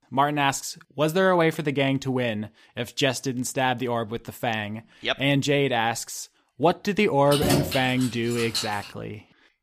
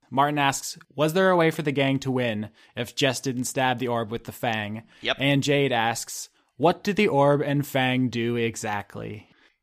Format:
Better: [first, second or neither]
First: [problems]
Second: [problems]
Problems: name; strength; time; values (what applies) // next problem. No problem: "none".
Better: second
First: jangling keys; loud; from 7.5 to 9 s; peak level with the speech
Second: none